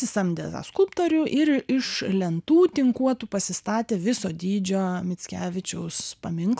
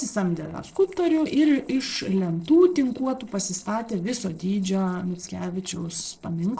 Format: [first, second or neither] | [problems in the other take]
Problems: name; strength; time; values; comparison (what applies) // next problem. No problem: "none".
first | noise reduction (neural separator model SepFormer DNS4)